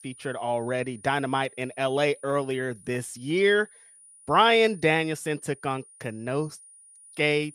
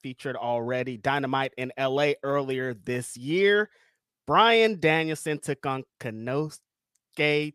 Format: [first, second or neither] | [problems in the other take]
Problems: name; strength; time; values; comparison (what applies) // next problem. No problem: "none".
second | high-pitched whine; faint; throughout; 9.5 kHz, 25 dB below the speech